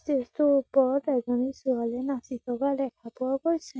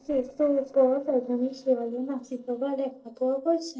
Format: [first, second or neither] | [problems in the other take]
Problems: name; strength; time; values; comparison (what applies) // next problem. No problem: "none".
first | noise reduction (neural separator model SepFormer DNS4)